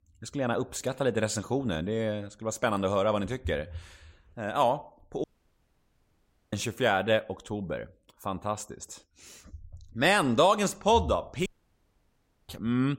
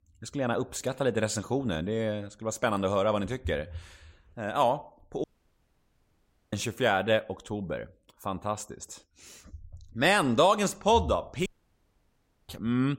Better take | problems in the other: neither | audio cutting out; at 5 s for 1.5 s and at 11 s for 1 s; the same in both

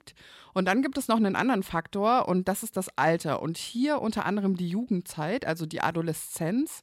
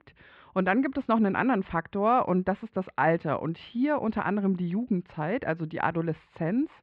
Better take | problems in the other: first | muffled; very; fading above 2.5 kHz

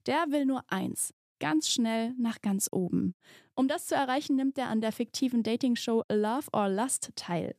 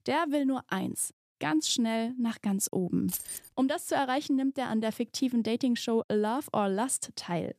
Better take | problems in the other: first | jangling keys; noticeable; at 3 s; peak 5 dB below the speech

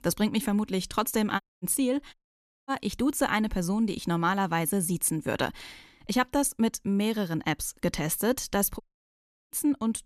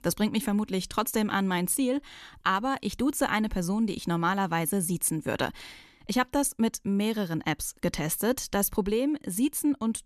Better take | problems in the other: second | audio cutting out; at 1.5 s, at 2 s for 0.5 s and at 9 s for 0.5 s

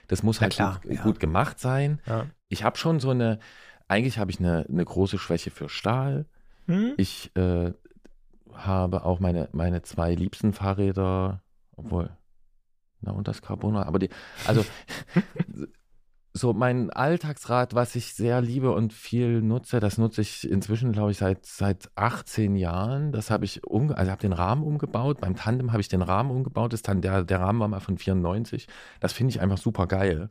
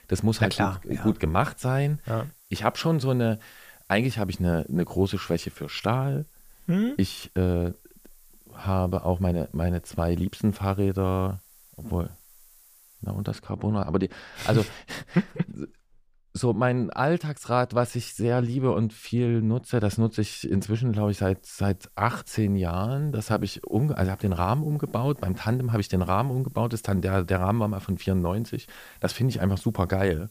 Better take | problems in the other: first | hiss; faint; until 13 s and from 21 s on; 25 dB below the speech

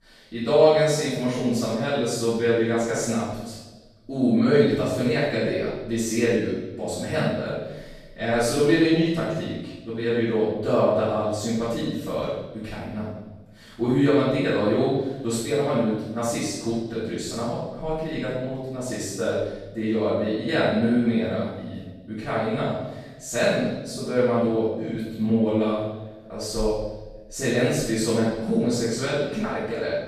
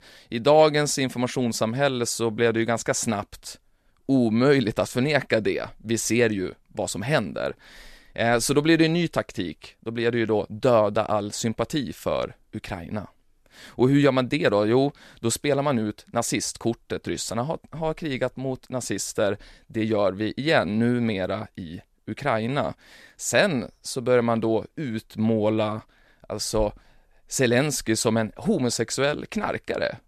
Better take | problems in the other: second | off-mic speech; far // room echo; strong; dies away in 1.1 s

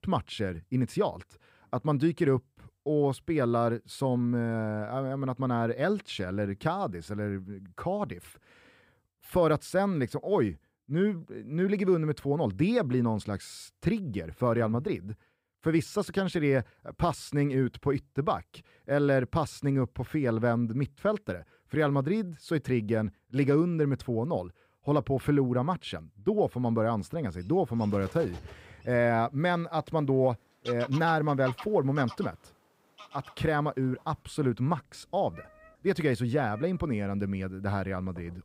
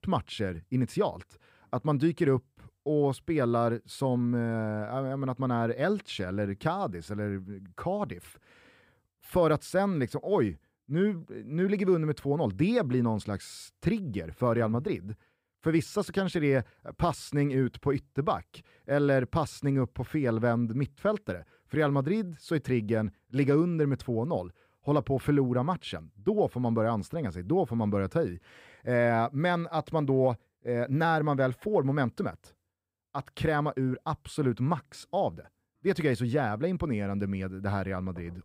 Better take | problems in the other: second | animal sounds; noticeable; from 26 s on; 15 dB below the speech

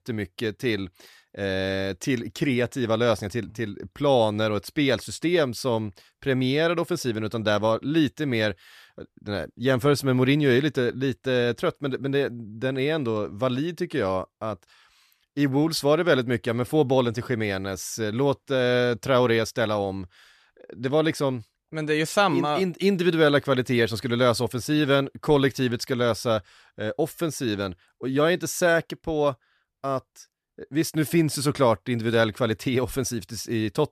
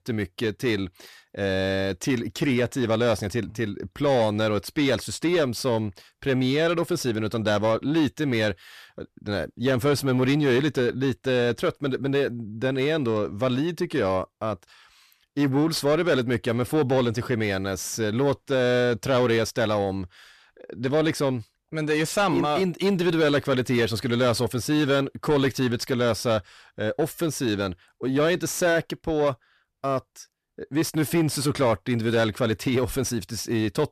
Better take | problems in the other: first | distortion; slight; 10 dB below the speech

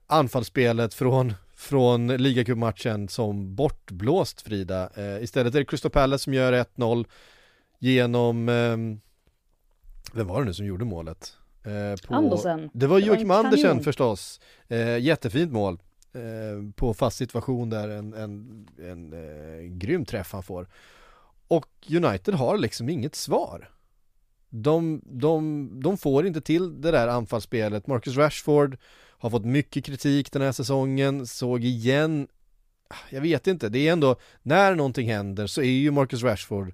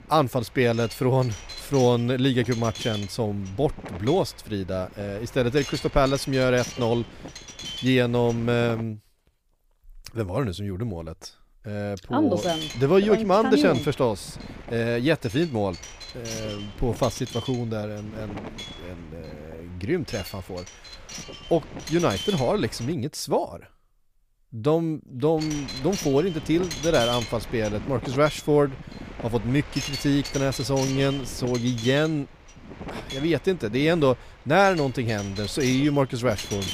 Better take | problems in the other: first | wind noise on the microphone; occasional gusts; until 9 s, from 12 to 23 s and from 25 s on; 10 dB below the speech

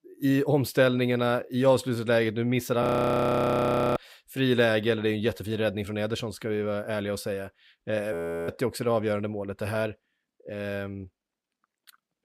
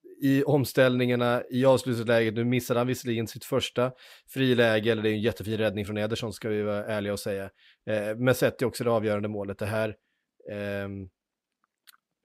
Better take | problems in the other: second | audio freezing; at 3 s for 1 s and at 8 s

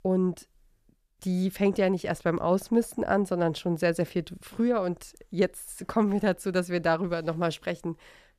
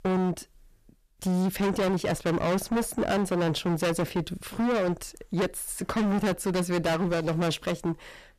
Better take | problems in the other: first | distortion; heavy; 25% of the sound clipped

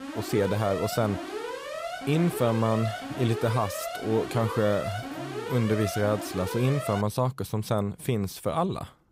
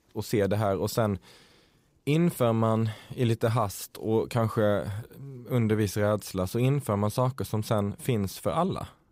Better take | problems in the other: second | alarm; noticeable; until 7 s; peak 7 dB below the speech

